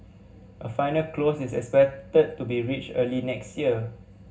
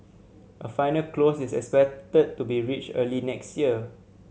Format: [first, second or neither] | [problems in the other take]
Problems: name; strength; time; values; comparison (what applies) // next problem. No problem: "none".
second | room echo; dies away in 0.4 s